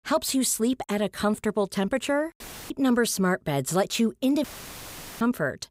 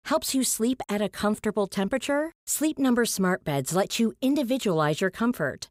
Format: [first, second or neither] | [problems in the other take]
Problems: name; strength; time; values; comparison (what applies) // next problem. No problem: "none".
second | audio cutting out; filled with static; at 2.5 s and at 4.5 s for 1 s